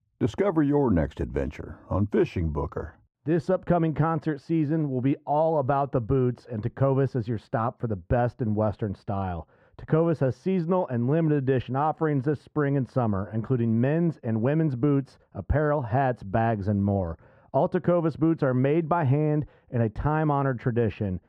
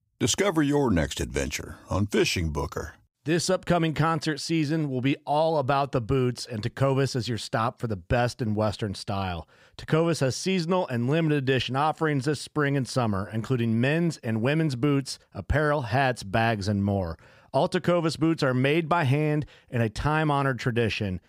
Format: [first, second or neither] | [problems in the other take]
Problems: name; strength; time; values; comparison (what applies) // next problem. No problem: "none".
second | muffled; very; fading above 2.5 kHz